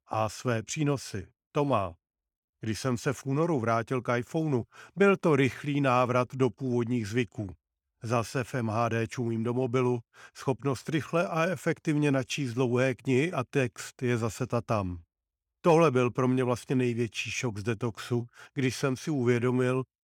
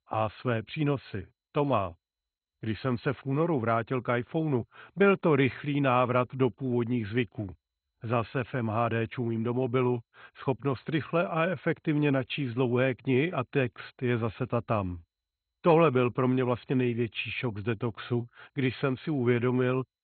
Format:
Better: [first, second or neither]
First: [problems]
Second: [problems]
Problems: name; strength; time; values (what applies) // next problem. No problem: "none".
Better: first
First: none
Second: garbled, watery; badly; nothing above 3.5 kHz